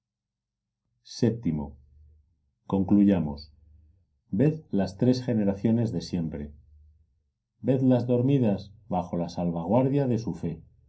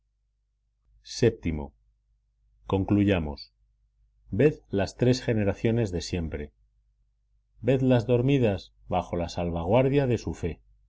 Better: second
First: room echo; dies away in 0.3 s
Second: none

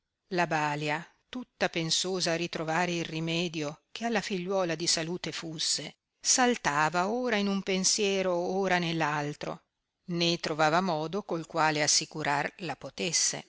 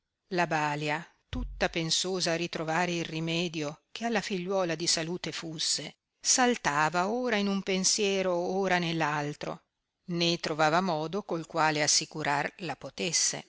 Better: first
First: none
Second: background sound (Bass drum); 15 dB below the speech

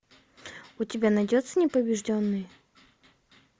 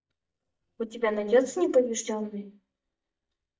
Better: first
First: none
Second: noise reduction (neural mask model DeepFilterNet 3)

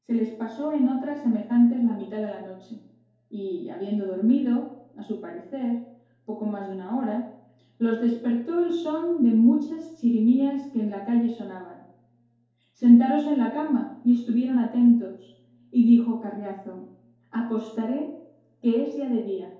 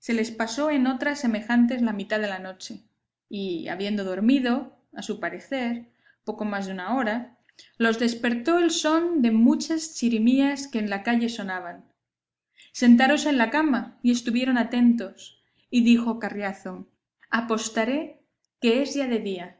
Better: second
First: room echo; dies away in 2.4 s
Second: none

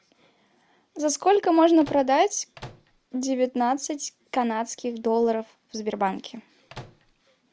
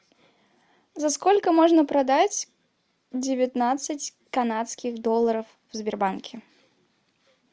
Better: second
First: background sound (Microwave oven); 19 dB below the speech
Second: none

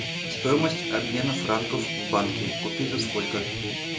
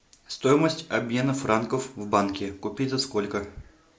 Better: second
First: background sound (Guitar); 1 dB below the speech // room echo; dies away in 0.6 s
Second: none

